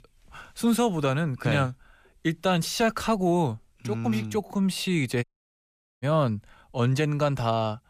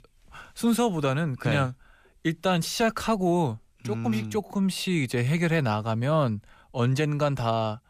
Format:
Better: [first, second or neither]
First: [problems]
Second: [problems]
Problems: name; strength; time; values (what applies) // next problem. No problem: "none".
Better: second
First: audio cutting out; at 5 s for 1 s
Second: none